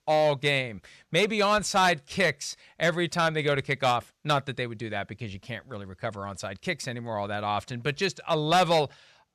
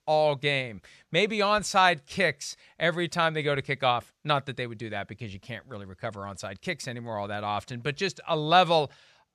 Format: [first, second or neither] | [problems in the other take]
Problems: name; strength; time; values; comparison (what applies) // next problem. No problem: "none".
second | distortion; slight; 3% of the sound clipped